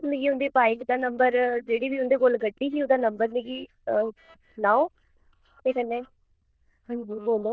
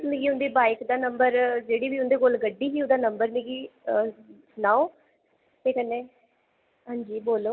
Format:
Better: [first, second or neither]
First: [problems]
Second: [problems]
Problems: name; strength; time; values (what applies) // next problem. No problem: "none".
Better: second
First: noise reduction (neural diffusion model UNIVERSE++)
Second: none